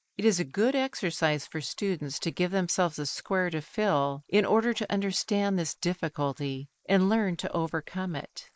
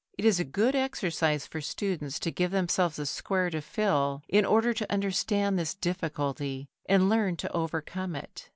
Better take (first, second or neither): second